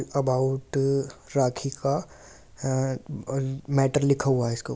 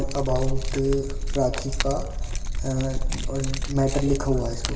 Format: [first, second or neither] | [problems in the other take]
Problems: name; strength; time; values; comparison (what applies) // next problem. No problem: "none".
first | background sound (Keys jangling); 1 dB above the speech // room echo; dies away in 1.2 s